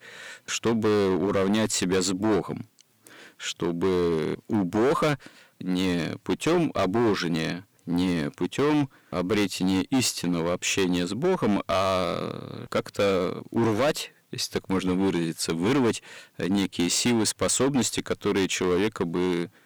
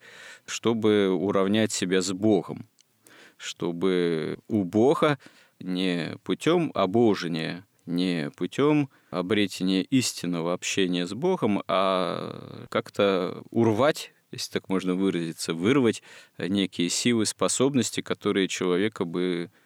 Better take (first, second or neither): second